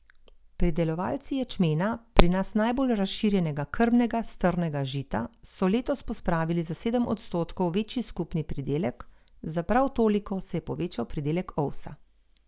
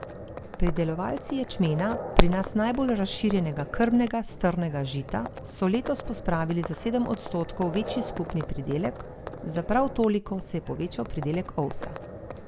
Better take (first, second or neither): first